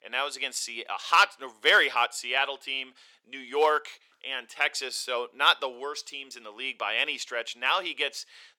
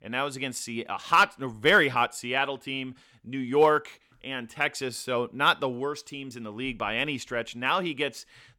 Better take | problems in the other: second | thin; very; fading below 450 Hz

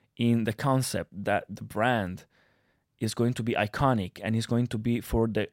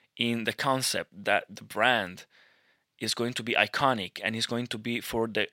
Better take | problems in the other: first | thin; somewhat; fading below 500 Hz

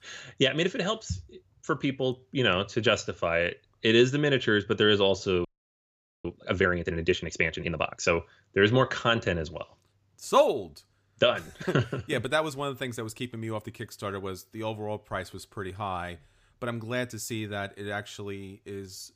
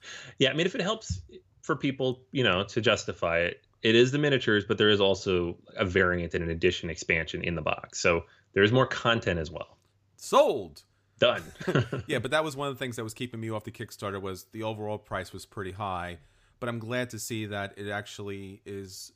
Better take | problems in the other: second | audio freezing; at 5.5 s for 1 s

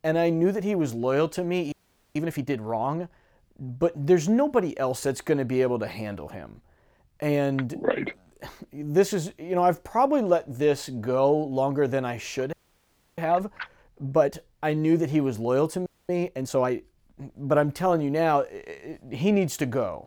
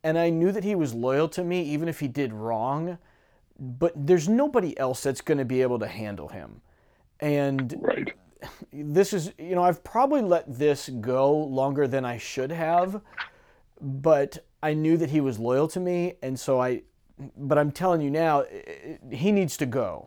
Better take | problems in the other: second | audio freezing; at 1.5 s, at 13 s for 0.5 s and at 16 s

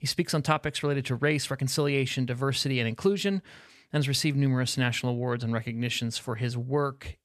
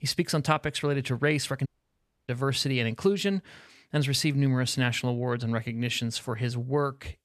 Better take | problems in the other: first | audio cutting out; at 1.5 s for 0.5 s

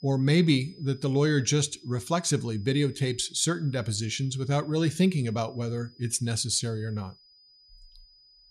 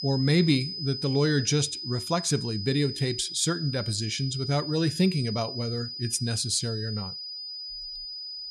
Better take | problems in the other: first | high-pitched whine; loud; throughout; 5 kHz, 7 dB below the speech; faint in the first

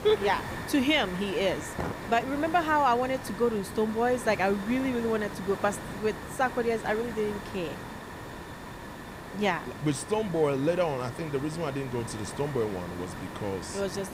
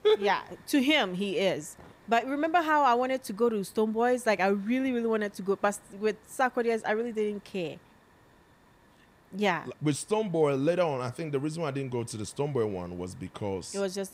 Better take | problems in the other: second | hiss; loud; throughout; 10 dB below the speech; faint in the second

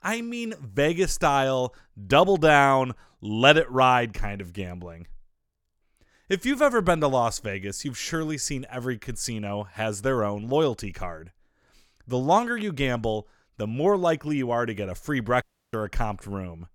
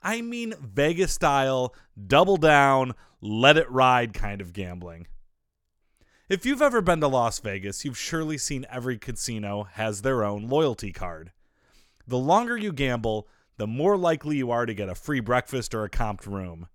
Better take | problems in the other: second | audio cutting out; at 15 s

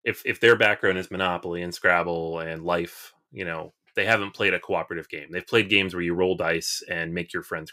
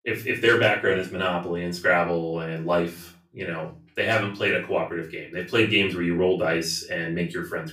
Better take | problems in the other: first | off-mic speech; far // room echo; slight; dies away in 0.4 s

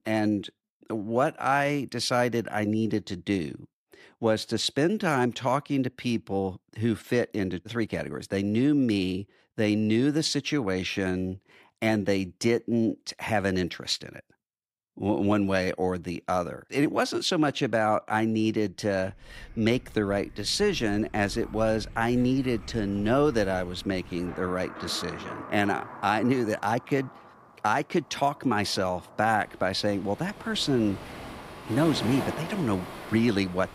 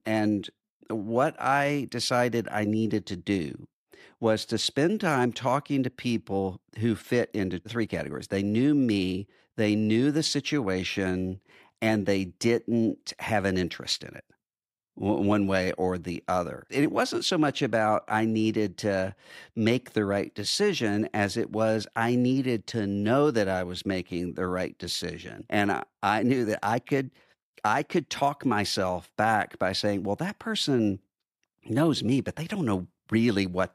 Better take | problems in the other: second | rain or running water; noticeable; from 19 s on; 15 dB below the speech

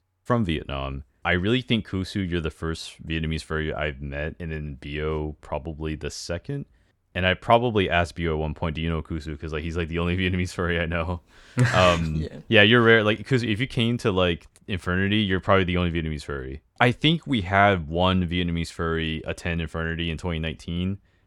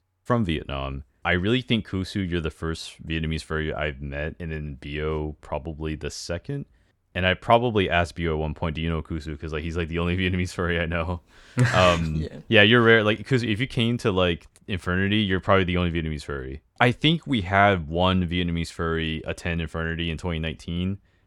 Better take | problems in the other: neither | none

